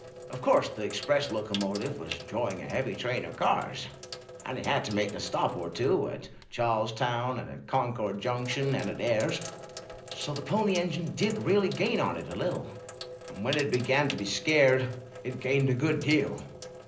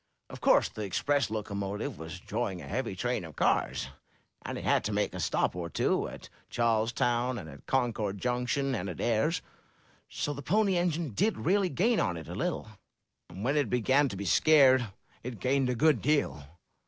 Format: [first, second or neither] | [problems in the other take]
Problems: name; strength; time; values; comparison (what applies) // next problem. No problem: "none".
second | background sound (Sink (filling or washing)); 14 dB below the speech // room echo; dies away in 0.5 s